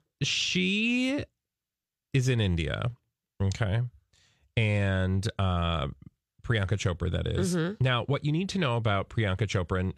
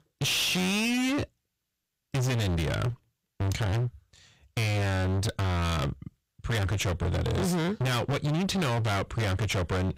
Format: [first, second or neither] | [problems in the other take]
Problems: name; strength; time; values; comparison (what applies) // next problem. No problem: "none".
first | distortion; heavy; 38% of the sound clipped